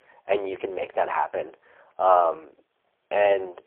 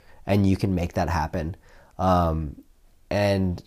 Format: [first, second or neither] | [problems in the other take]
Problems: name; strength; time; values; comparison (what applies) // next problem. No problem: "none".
second | phone-call audio; poor line